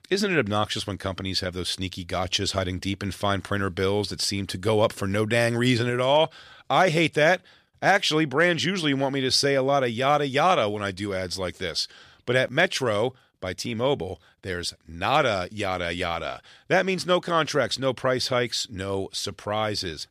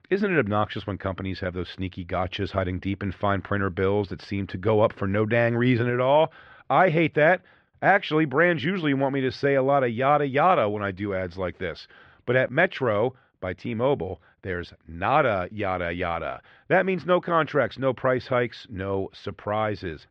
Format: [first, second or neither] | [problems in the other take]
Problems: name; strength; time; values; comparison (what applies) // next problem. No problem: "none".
first | muffled; very; fading above 2 kHz